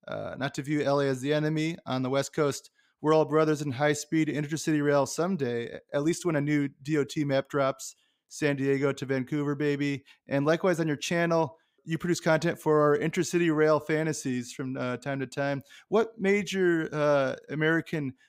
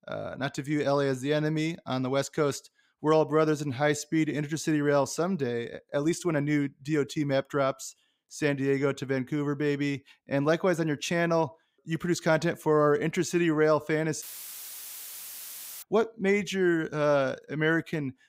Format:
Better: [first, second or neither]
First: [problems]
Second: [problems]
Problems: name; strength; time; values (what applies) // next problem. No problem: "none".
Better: first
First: none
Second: audio cutting out; filled with static; at 14 s for 1.5 s